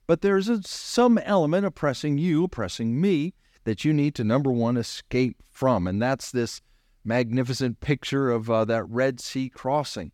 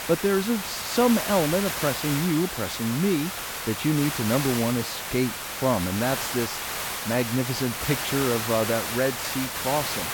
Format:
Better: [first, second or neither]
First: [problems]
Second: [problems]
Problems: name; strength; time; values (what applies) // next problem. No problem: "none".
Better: first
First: none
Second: hiss; loud; throughout; 3 dB below the speech